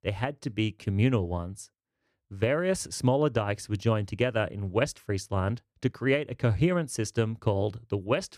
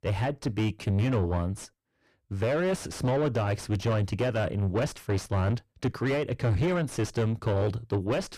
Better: first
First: none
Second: distortion; heavy; 5 dB below the speech

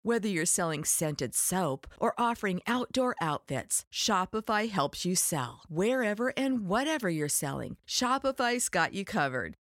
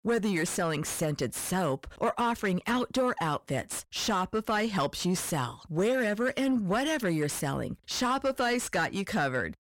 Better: first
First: none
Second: distortion; heavy; 8 dB below the speech

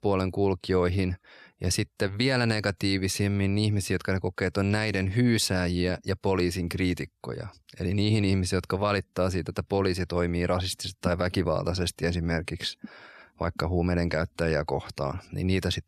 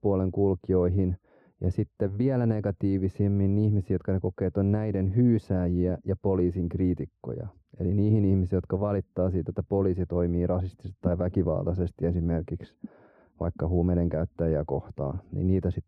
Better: first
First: none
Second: muffled; very; fading above 1.5 kHz

